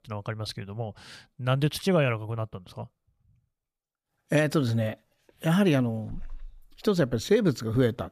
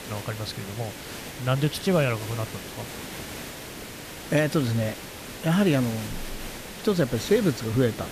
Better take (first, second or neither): first